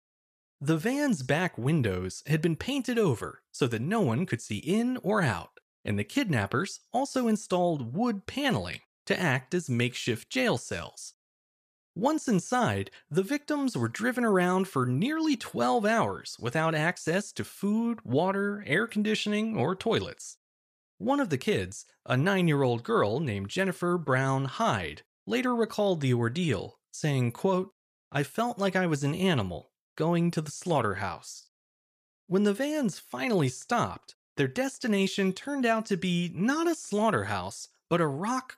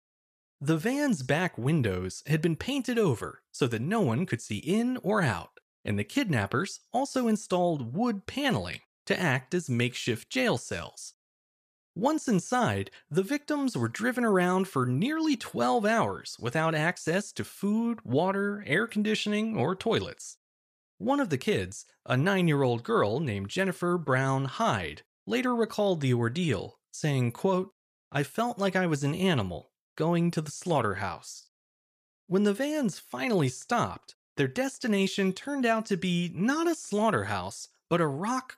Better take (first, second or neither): neither